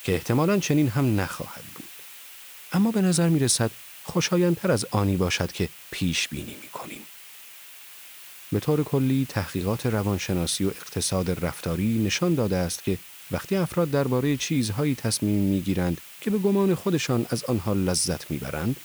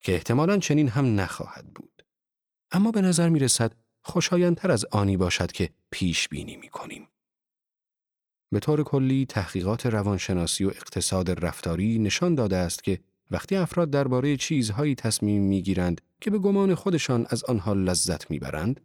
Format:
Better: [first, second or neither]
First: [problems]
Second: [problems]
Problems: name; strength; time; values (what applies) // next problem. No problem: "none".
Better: second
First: hiss; noticeable; throughout; 15 dB below the speech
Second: none